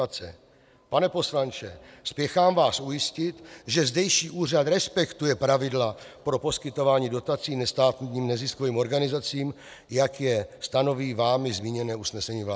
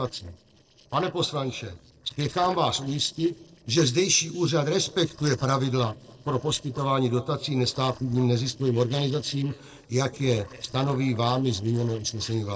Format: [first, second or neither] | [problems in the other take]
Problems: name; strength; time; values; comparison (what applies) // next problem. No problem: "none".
first | noise reduction (neural separator model SepFormer DNS4)